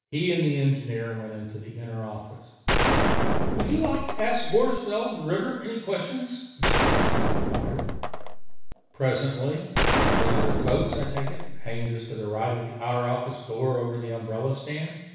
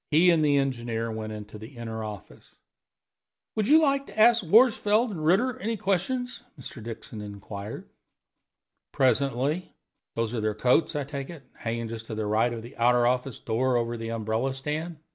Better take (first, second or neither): second